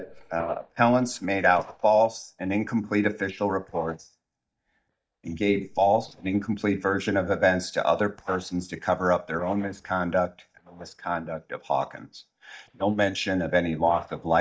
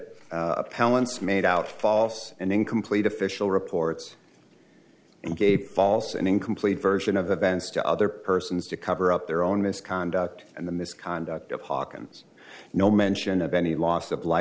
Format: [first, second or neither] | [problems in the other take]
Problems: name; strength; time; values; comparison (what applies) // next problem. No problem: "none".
second | noise reduction (neural mask model DeepFilterNet 3)